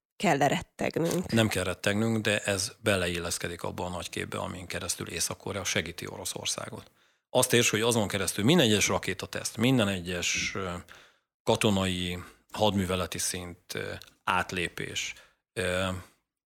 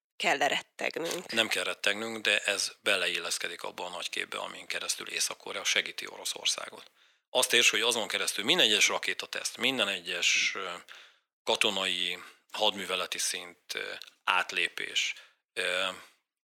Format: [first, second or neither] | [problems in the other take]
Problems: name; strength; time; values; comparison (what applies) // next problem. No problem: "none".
first | thin; somewhat; fading below 400 Hz